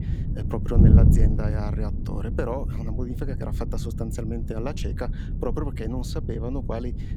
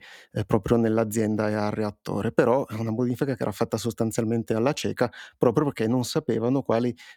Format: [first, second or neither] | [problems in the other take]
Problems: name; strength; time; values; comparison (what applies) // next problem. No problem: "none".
second | wind noise on the microphone; heavy; 3 dB below the speech